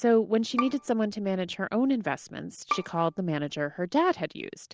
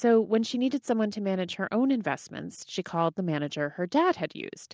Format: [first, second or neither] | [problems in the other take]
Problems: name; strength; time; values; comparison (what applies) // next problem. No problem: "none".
second | background sound (Bowed string instrument); 12 dB below the speech